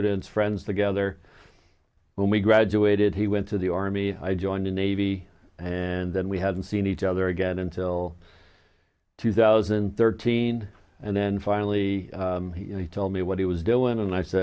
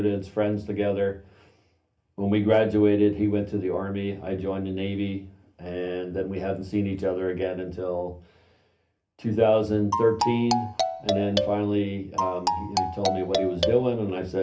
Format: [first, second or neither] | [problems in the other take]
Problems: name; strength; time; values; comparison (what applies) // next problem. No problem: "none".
first | background sound (Marimba, xylophone); 2 dB below the speech // room echo; dies away in 0.3 s